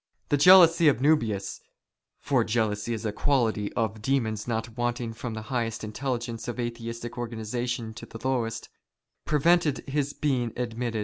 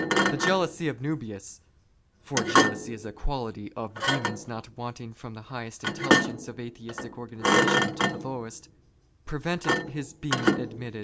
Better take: first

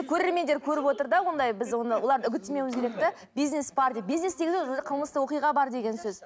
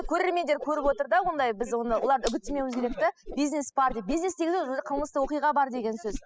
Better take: first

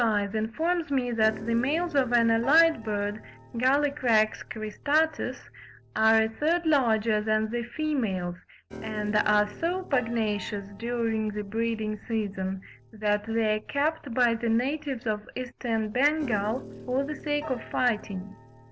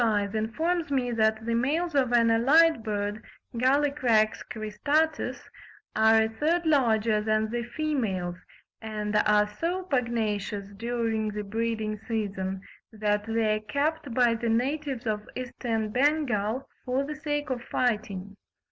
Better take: second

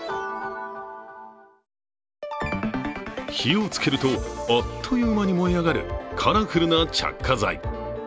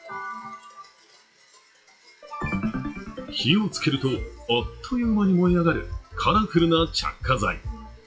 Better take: first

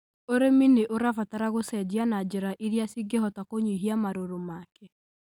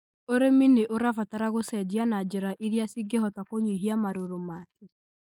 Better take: first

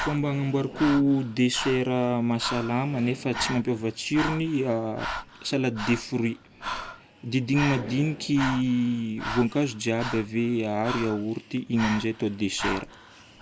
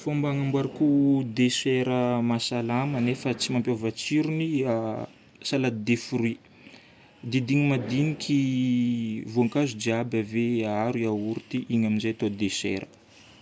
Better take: second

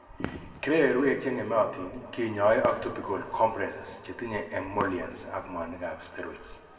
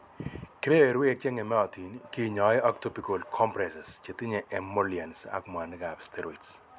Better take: second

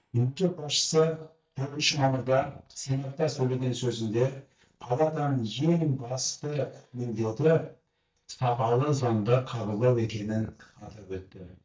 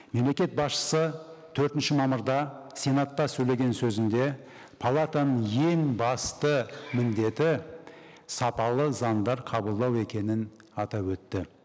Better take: second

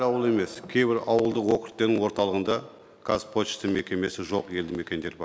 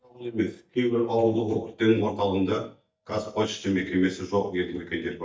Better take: first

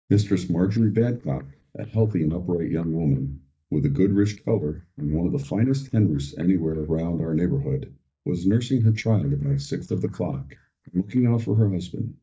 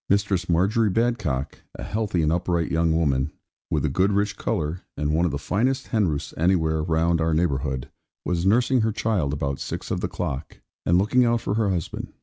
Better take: second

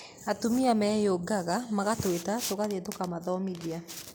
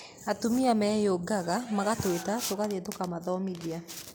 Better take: first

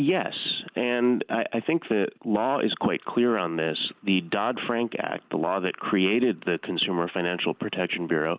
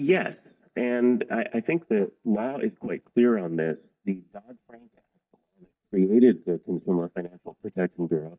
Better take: first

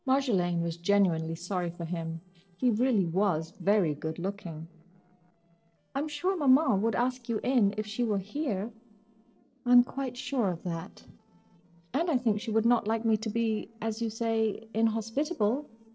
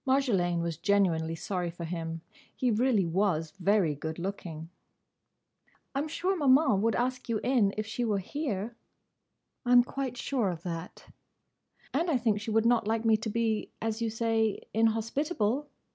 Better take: second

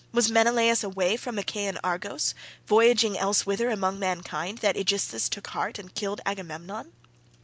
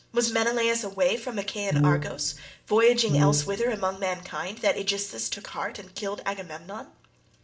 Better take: first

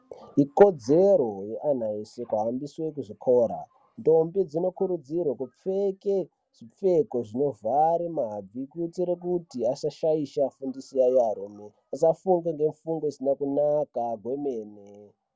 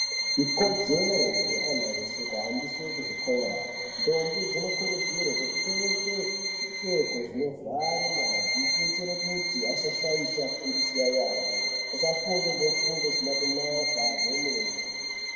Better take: first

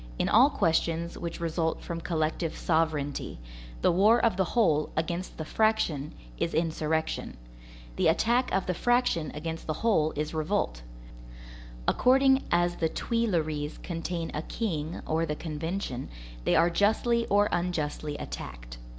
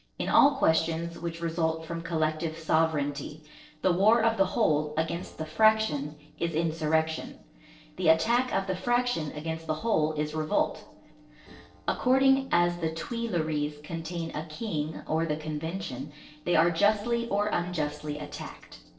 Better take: first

